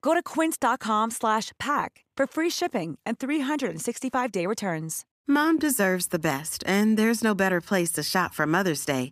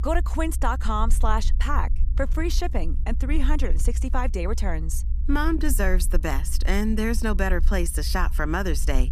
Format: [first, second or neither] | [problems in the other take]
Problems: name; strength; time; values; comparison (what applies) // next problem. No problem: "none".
first | low rumble; noticeable; throughout; 20 dB below the speech